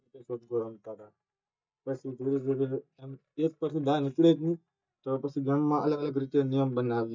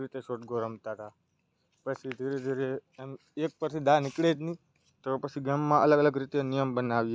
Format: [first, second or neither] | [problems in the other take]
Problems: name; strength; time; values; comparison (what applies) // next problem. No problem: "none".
second | noise reduction (neural mask model DeepFilterNet 3)